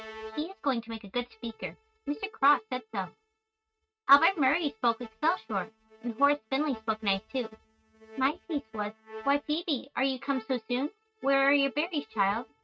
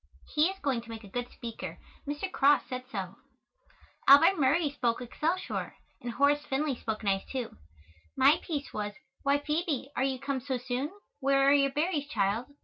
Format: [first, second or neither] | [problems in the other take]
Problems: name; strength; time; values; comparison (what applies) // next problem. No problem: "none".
second | noise reduction (neural mask model RNNoise)